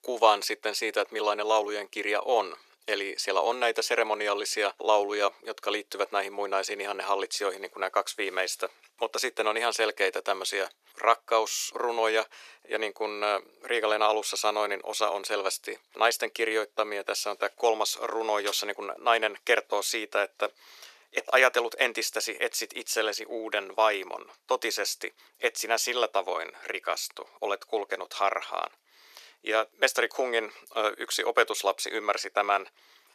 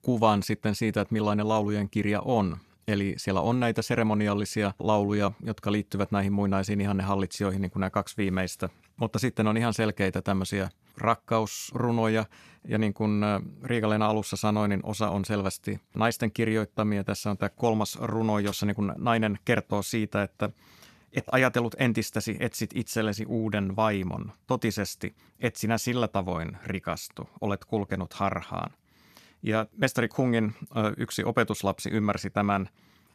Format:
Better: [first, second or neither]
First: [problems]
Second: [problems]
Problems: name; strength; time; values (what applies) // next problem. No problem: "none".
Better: second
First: thin; very; fading below 400 Hz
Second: none